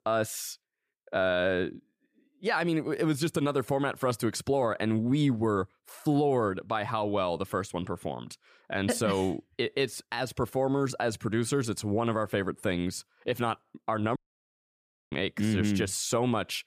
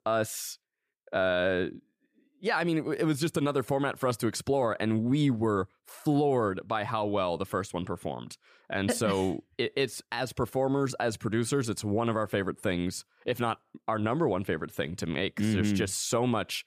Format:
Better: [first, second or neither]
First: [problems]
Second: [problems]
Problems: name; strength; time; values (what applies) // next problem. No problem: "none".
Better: second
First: audio cutting out; at 14 s for 1 s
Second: none